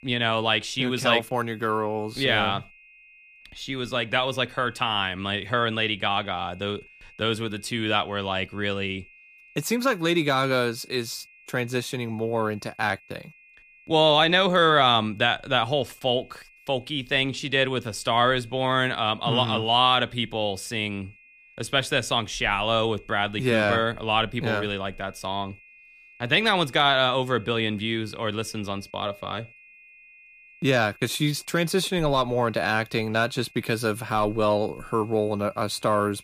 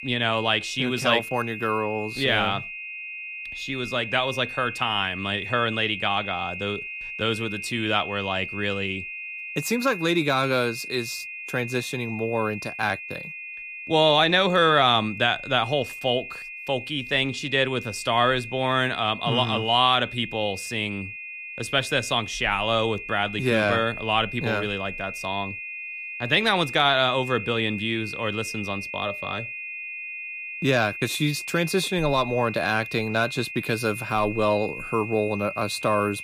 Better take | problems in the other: first | high-pitched whine; loud; throughout; 2.5 kHz, 9 dB below the speech; faint in the first

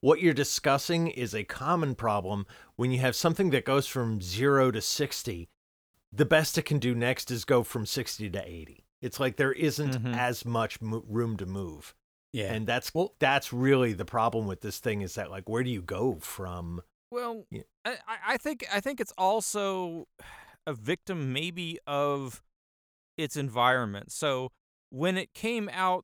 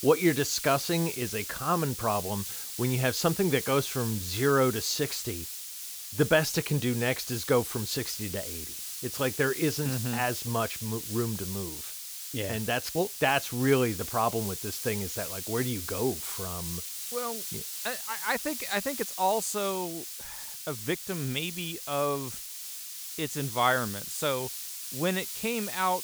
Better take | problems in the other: first | hiss; loud; throughout; 6 dB below the speech

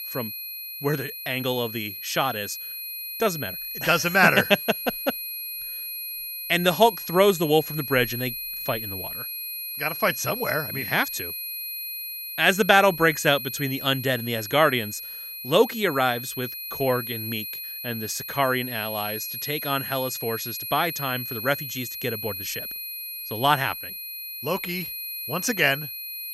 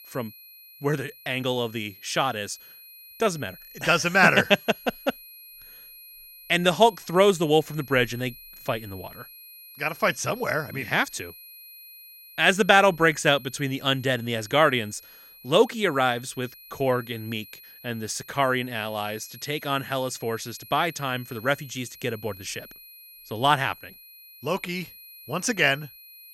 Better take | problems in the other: second | high-pitched whine; loud; throughout; 11.5 kHz, 7 dB below the speech; faint in the second

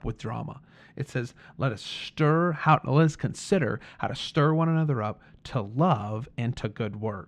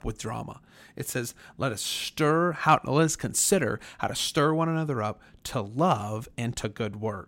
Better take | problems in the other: second | muffled; slightly; fading above 3.5 kHz

